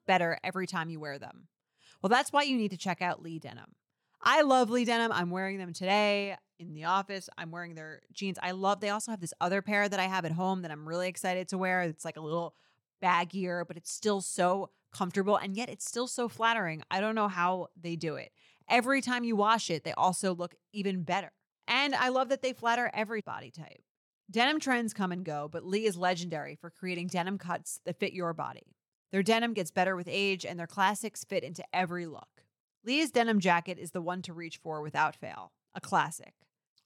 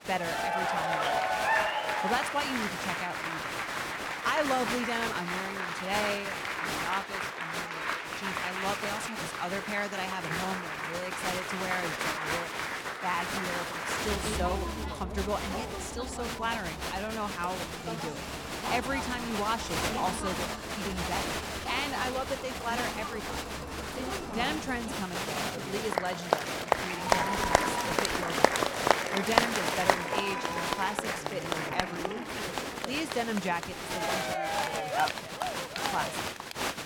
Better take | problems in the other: first | crowd noise; very loud; throughout; 4 dB above the speech

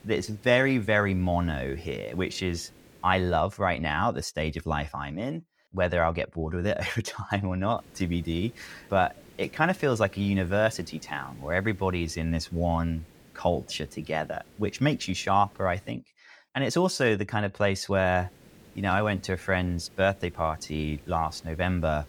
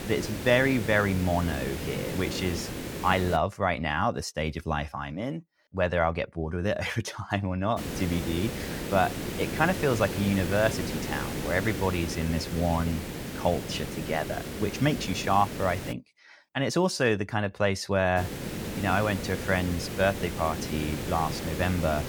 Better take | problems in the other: first | hiss; loud; until 3.5 s, from 8 to 16 s and from 18 s on; 6 dB below the speech; faint in the first

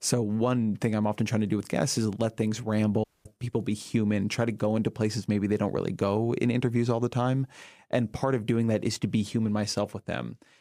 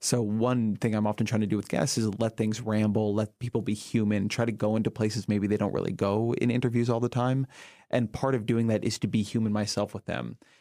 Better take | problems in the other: second | audio cutting out; at 3 s

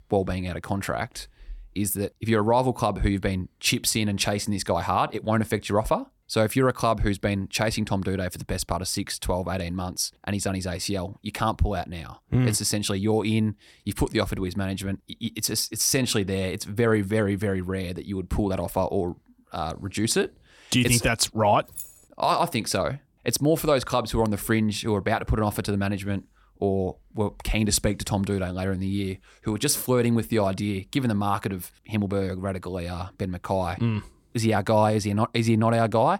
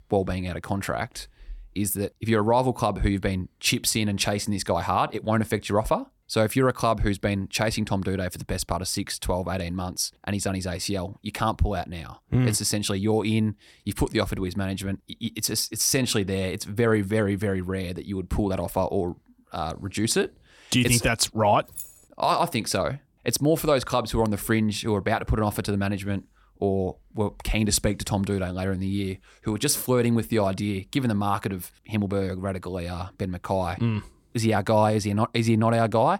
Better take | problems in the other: neither | jangling keys; faint; at 22 s; peak 10 dB below the speech; the same in both

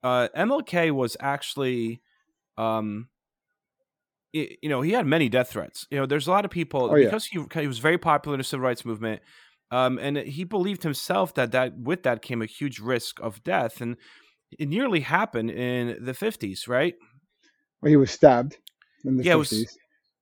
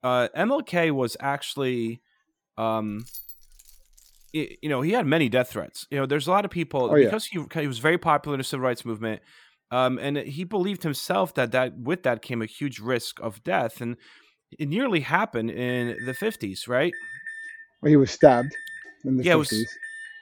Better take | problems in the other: first | jangling keys; faint; from 3 to 4.5 s; peak 15 dB below the speech // alarm; faint; from 16 s on; peak 10 dB below the speech

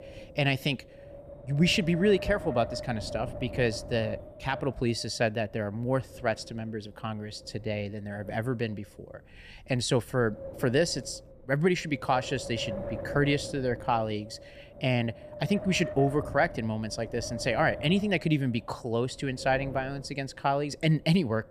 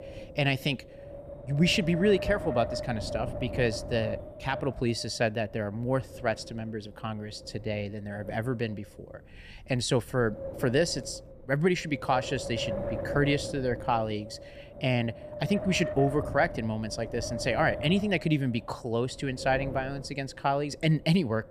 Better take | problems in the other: first | wind noise on the microphone; heavy; 9 dB below the speech; occasional gusts in the first

